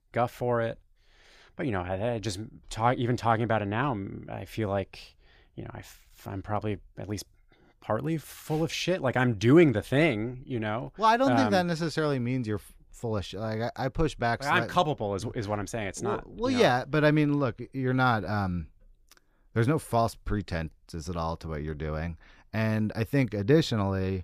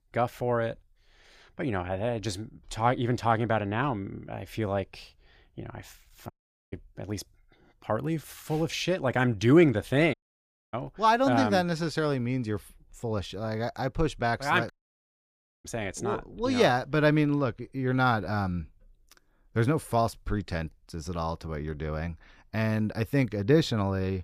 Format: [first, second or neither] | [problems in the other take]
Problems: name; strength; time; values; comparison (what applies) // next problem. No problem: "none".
first | audio cutting out; at 6.5 s, at 10 s for 0.5 s and at 15 s for 1 s